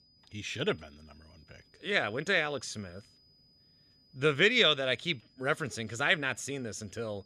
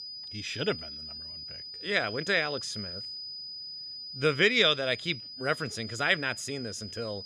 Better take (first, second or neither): first